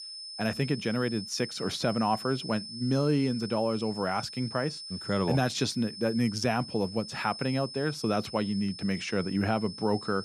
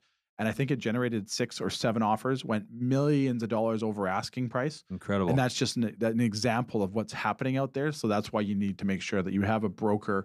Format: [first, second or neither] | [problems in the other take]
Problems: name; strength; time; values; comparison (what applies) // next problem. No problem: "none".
second | high-pitched whine; noticeable; throughout; 5 kHz, 10 dB below the speech